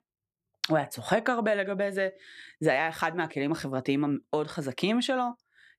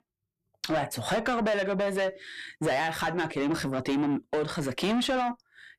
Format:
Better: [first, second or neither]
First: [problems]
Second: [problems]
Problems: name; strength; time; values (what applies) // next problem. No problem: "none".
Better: first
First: none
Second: distortion; heavy; 7 dB below the speech